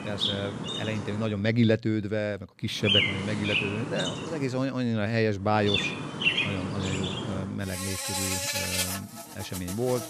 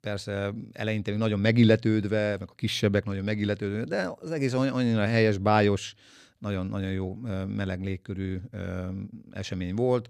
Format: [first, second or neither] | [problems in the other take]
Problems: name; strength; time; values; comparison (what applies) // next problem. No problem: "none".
second | animal sounds; very loud; throughout; 1 dB above the speech